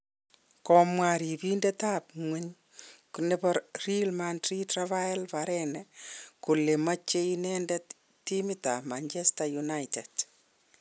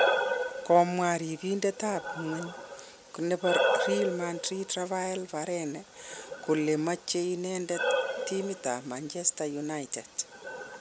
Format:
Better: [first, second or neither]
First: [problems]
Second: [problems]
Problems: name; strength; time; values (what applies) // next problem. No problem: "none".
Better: first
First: none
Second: background sound (Breathing); 3 dB below the speech